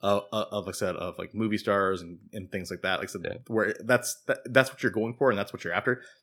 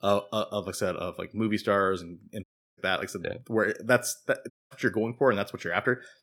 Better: first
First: none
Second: audio cutting out; at 2.5 s and at 4.5 s

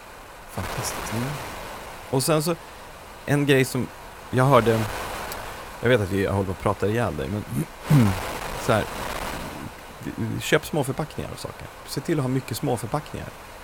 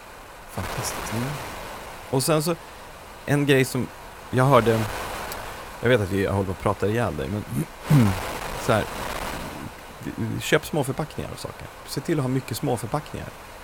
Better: neither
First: wind noise on the microphone; heavy; 9 dB below the speech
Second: wind noise on the microphone; heavy; 9 dB below the speech

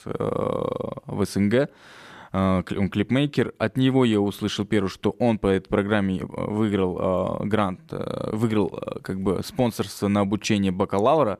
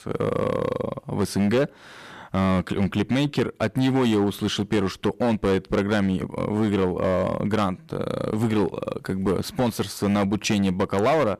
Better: first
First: none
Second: distortion; slight; 9% of the sound clipped

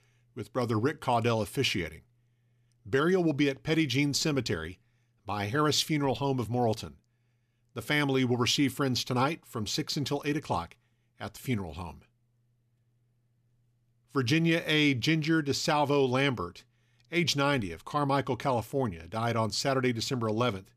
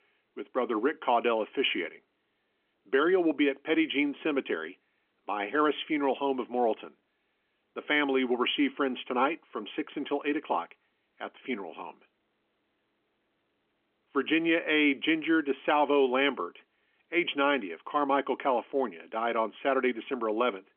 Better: first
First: none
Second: phone-call audio; nothing above 3.5 kHz

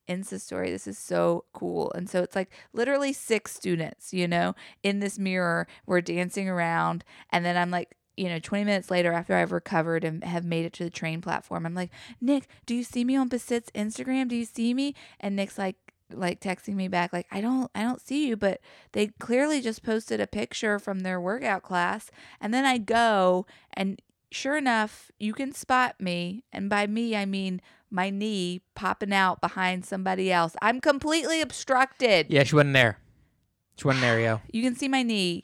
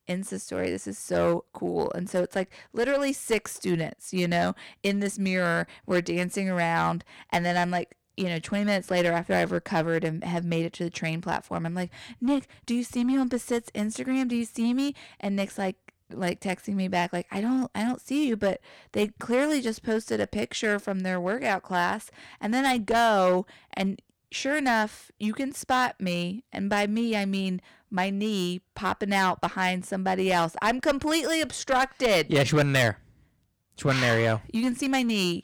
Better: first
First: none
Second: distortion; slight; 6% of the sound clipped

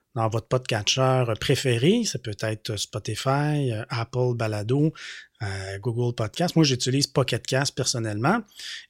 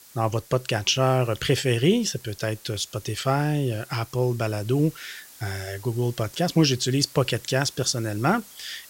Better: first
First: none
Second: hiss; faint; throughout; 20 dB below the speech

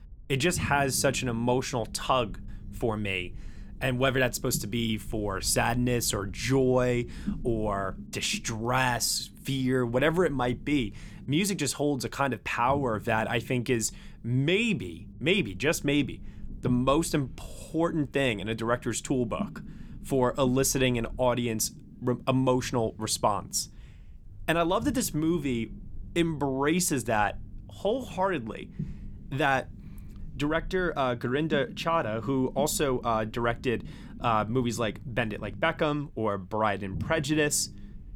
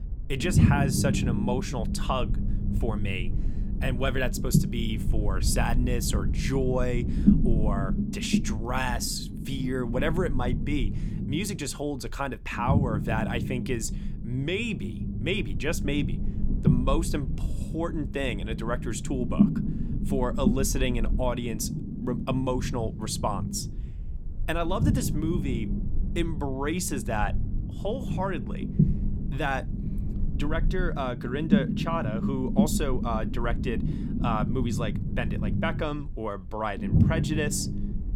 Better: first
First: low rumble; faint; throughout; 25 dB below the speech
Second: low rumble; loud; throughout; 6 dB below the speech

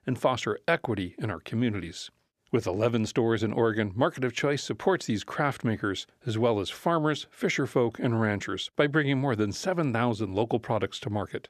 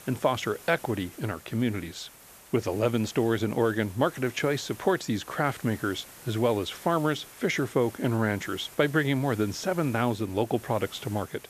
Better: first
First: none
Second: hiss; noticeable; throughout; 20 dB below the speech

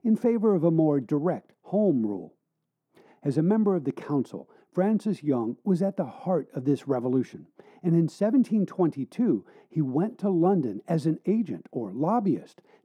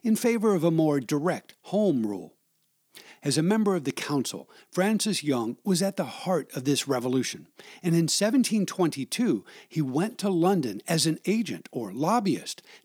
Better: second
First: muffled; very; fading above 2 kHz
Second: none

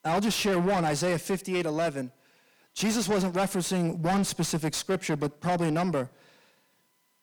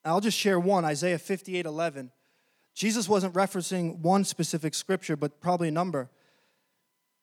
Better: second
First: distortion; heavy; 7 dB below the speech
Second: none

